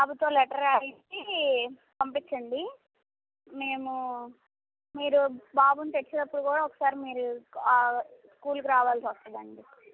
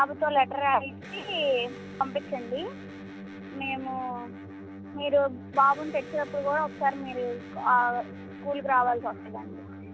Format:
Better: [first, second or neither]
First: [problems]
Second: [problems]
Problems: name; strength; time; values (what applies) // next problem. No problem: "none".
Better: first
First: none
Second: background sound (Electric guitar); 13 dB below the speech